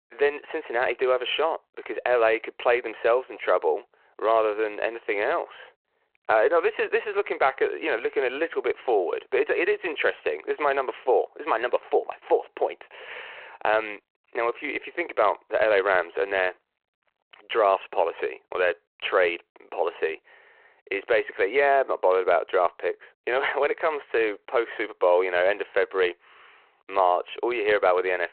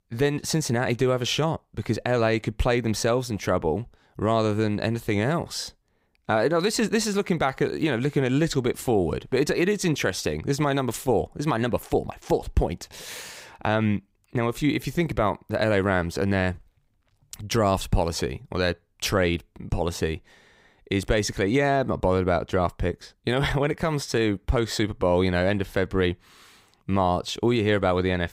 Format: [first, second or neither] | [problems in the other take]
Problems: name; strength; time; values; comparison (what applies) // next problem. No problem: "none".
second | phone-call audio